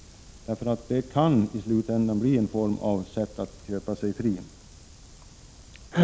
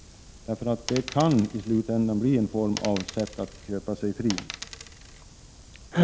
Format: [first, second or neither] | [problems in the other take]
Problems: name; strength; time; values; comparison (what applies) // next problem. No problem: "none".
first | background sound (Coin (dropping)); 13 dB below the speech